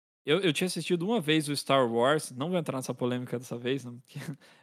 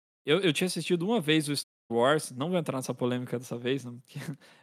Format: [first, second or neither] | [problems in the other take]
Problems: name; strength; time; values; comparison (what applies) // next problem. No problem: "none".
first | audio cutting out; at 1.5 s